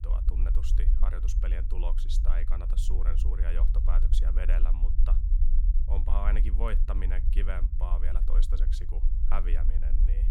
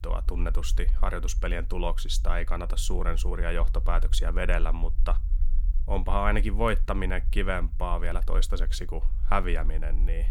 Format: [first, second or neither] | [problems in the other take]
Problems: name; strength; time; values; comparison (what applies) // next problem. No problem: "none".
second | low rumble; loud; throughout; 8 dB below the speech; faint in the second